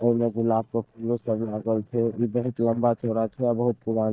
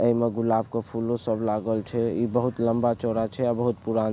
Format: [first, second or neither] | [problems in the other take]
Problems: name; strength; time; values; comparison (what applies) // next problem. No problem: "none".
second | noise reduction (neural mask model DeepFilterNet 3)